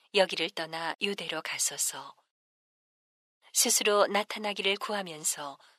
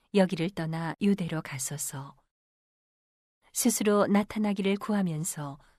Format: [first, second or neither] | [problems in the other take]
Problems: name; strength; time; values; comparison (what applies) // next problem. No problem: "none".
second | thin; very; fading below 550 Hz